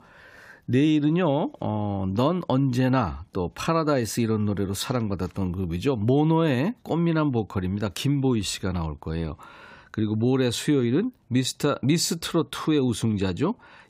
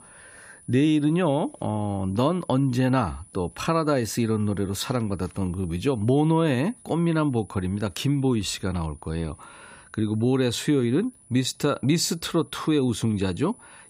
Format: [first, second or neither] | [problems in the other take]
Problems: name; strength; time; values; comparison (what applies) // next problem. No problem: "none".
first | high-pitched whine; faint; throughout; 10 kHz, 25 dB below the speech